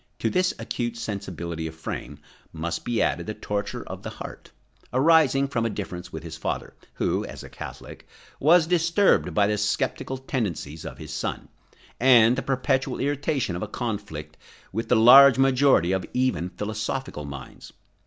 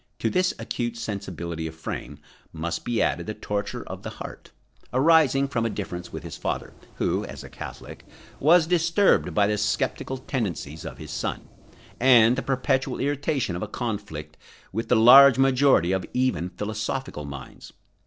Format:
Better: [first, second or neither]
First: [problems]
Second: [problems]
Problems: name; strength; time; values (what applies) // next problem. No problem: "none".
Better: first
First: none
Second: noise reduction (neural separator model SepFormer DNS4)